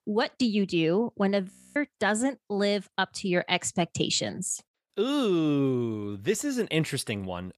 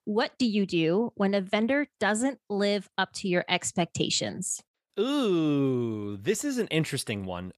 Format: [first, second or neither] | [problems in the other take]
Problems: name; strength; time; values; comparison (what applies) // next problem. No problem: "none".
second | audio freezing; at 1.5 s